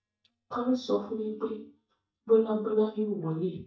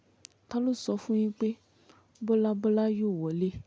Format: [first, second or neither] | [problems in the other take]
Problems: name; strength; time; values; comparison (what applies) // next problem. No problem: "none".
second | noise reduction (neural mask model DeepFilterNet 3)